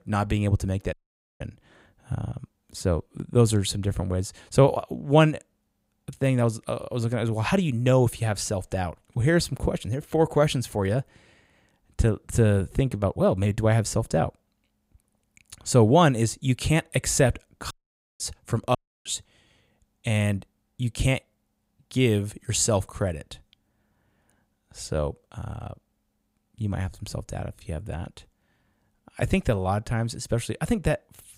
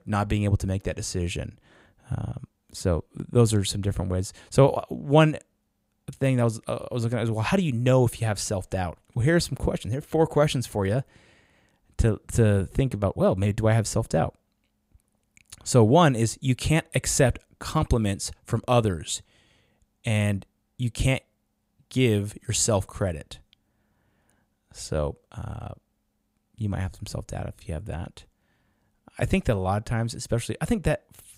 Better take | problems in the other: second | audio cutting out; at 1 s, at 18 s and at 19 s

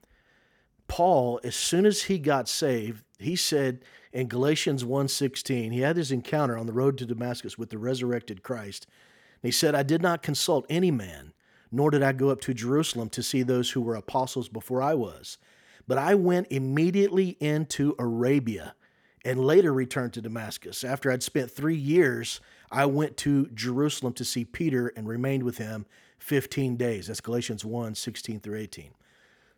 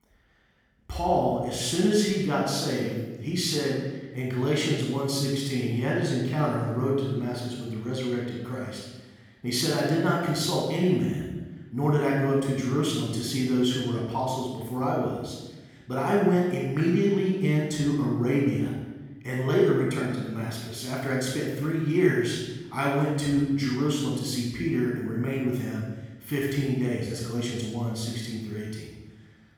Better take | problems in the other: first | off-mic speech; far // room echo; noticeable; dies away in 1.1 s

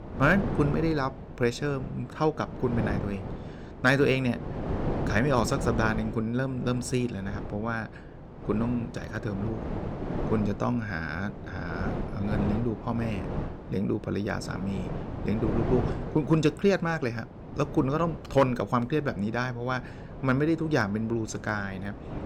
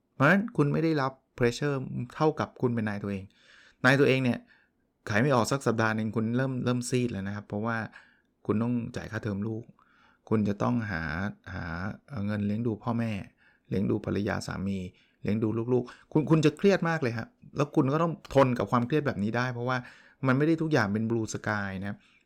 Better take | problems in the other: second | wind noise on the microphone; occasional gusts; 10 dB below the speech

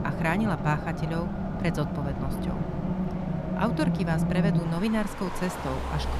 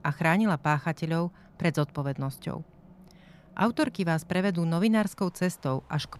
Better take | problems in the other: second | traffic noise; loud; throughout; 1 dB below the speech; faint in the second

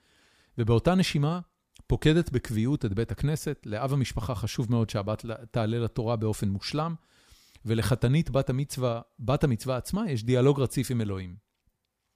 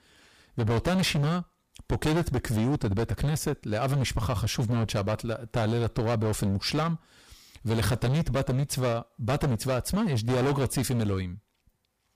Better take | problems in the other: first | distortion; heavy; 20% of the sound clipped

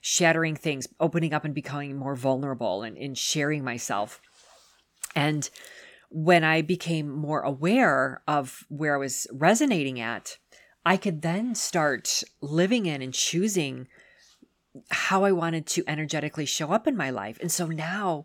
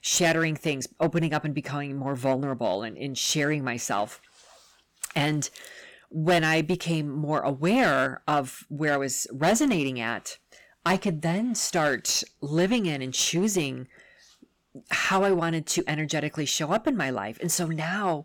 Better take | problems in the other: first | distortion; slight; 5% of the sound clipped

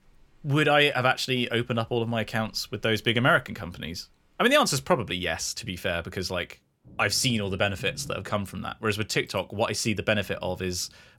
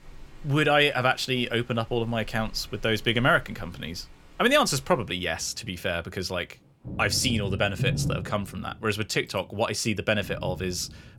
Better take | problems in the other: first | rain or running water; loud; throughout; 9 dB below the speech; faint in the first

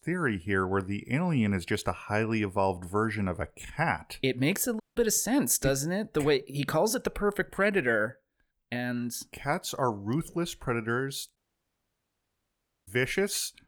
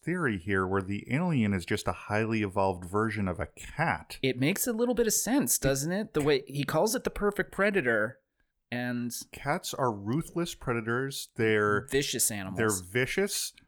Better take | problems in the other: second | audio cutting out; at 5 s and at 11 s for 1.5 s

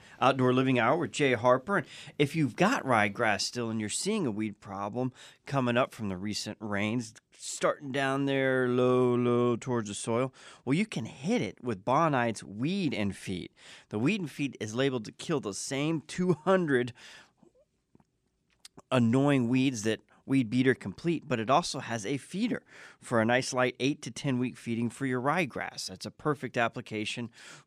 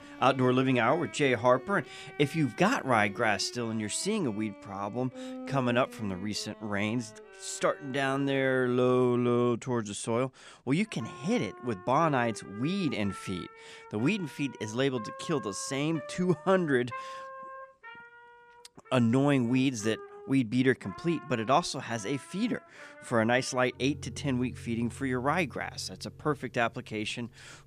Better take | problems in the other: first | background music; noticeable; throughout; 15 dB below the speech

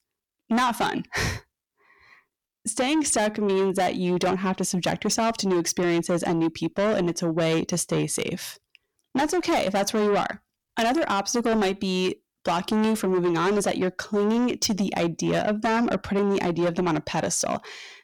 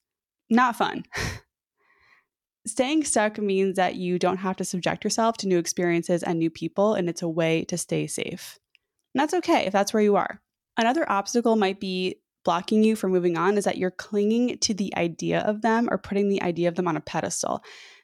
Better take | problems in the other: second | distortion; heavy; 8 dB below the speech

